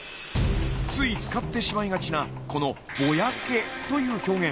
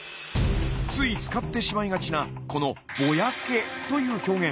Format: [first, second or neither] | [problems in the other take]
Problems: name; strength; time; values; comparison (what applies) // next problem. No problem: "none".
second | background sound (Insect); 19 dB below the speech